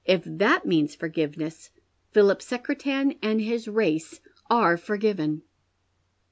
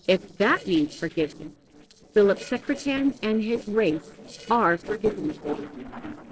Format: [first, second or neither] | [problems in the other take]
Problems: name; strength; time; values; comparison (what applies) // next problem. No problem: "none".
first | noise reduction (neural separator model SepFormer DNS4)